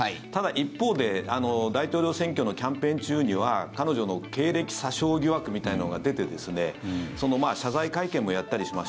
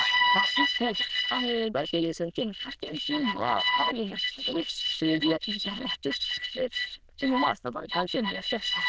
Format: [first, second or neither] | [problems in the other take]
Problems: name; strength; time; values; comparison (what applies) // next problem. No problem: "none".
first | noise reduction (neural diffusion model UNIVERSE++)